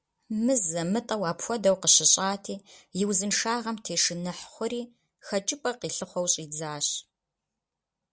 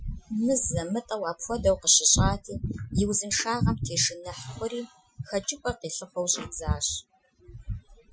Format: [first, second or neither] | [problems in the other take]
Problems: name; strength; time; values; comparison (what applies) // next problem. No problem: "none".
first | noise reduction (classical method Wiener filter)